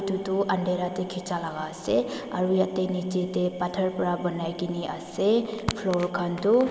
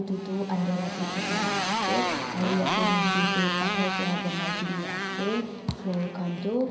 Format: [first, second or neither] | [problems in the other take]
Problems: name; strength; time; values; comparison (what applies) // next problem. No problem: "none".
first | background sound (Motorcycle); as loud as the speech // room echo; dies away in 0.5 s